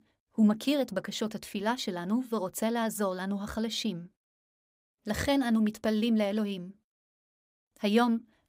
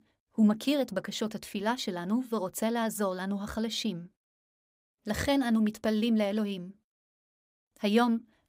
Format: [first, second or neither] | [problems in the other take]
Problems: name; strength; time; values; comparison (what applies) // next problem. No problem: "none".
neither | none